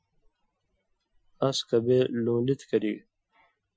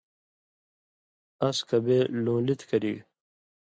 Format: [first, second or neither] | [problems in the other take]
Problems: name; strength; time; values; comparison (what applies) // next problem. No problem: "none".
second | noise reduction (classical method Wiener filter)